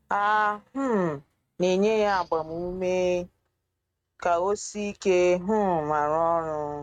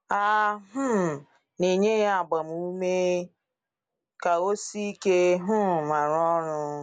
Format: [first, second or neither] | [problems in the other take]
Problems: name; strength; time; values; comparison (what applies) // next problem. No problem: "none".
second | noise reduction (neural mask model RNNoise)